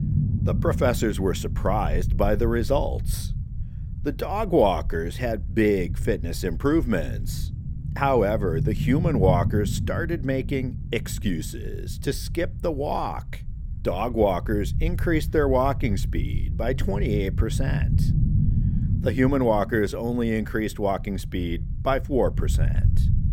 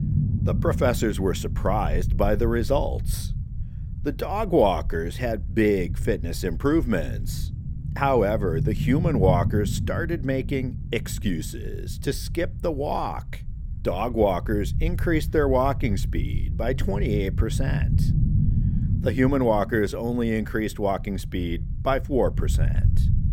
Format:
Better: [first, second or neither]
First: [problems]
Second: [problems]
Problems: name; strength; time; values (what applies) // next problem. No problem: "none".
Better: neither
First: low rumble; noticeable; throughout; 15 dB below the speech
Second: low rumble; noticeable; throughout; 15 dB below the speech